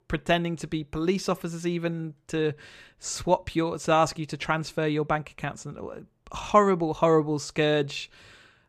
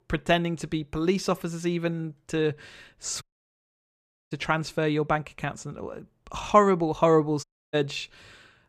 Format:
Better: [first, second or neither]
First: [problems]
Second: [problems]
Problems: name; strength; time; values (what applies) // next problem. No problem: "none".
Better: first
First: none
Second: audio cutting out; at 3 s for 1 s and at 7.5 s